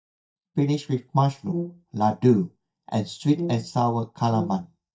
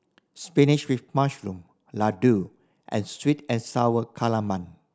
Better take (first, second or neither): second